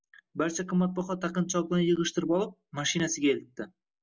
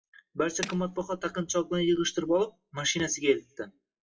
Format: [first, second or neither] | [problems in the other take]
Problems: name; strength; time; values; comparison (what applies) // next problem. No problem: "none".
first | noise reduction (classical method WPE with log-MMSE)